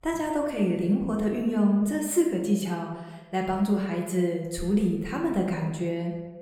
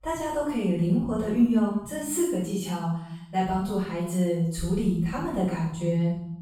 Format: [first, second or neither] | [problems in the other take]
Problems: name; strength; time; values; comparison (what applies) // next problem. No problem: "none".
first | room echo; strong; dies away in 0.8 s; slight in the first // off-mic speech; far; somewhat distant in the first